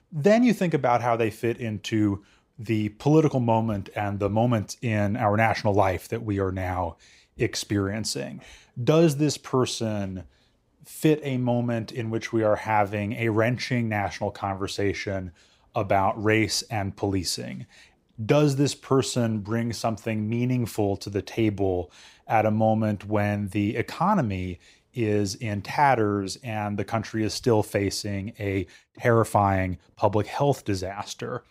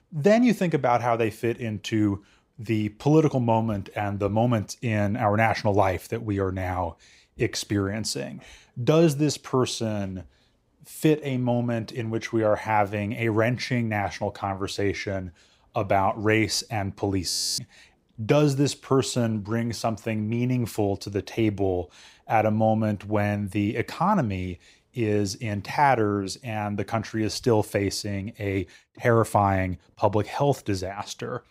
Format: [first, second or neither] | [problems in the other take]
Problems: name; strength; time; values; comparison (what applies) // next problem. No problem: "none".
first | audio freezing; at 17 s